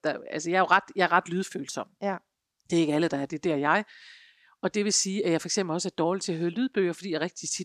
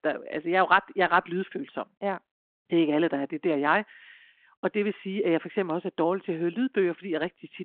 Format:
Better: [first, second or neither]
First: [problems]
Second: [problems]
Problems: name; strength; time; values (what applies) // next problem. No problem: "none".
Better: first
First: none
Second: phone-call audio